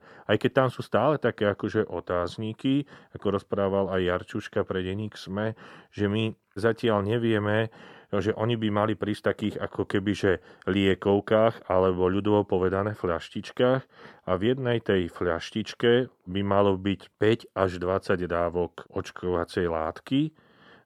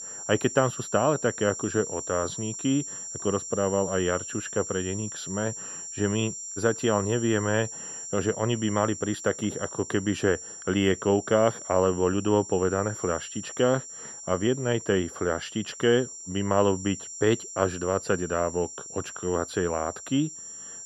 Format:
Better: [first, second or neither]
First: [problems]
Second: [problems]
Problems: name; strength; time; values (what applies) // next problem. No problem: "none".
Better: first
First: none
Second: high-pitched whine; loud; throughout; 7.5 kHz, 9 dB below the speech